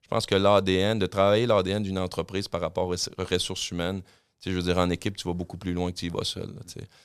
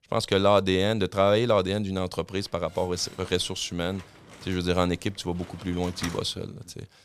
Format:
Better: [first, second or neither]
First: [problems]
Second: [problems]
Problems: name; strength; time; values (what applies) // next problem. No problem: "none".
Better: first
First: none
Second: door banging; faint; from 3 to 6 s; peak 10 dB below the speech